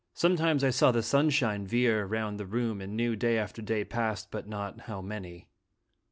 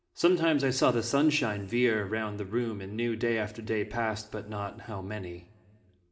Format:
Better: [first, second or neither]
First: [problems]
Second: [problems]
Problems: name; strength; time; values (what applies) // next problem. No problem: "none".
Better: first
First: none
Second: room echo; dies away in 2.6 s